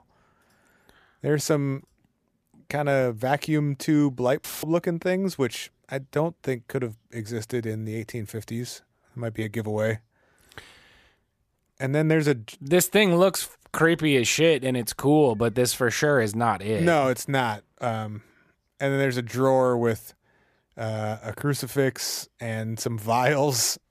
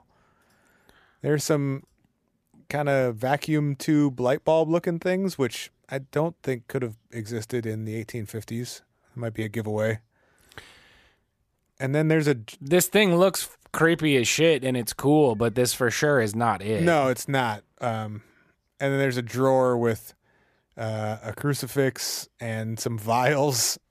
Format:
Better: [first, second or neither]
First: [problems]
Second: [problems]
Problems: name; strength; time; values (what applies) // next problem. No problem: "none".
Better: second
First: audio cutting out; filled with static; at 4.5 s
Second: none